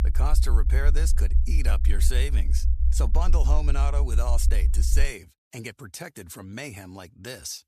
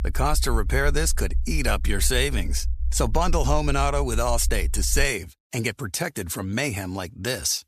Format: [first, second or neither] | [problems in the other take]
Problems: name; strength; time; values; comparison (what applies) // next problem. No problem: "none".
second | low rumble; loud; until 5 s; 10 dB below the speech; faint in the second